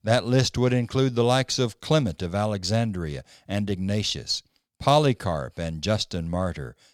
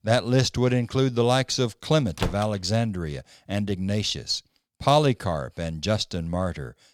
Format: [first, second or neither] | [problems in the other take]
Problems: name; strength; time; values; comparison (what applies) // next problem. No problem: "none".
first | door banging; noticeable; at 2 s; peak 8 dB below the speech